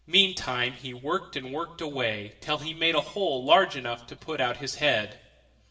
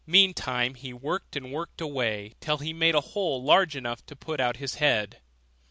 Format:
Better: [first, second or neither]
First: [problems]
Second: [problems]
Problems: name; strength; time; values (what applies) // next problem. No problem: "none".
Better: second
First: room echo; dies away in 0.7 s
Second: none